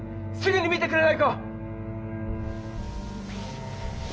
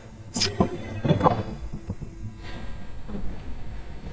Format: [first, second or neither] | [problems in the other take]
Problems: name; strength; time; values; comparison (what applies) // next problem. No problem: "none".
first | noise reduction (neural mask model DeepFilterNet 3)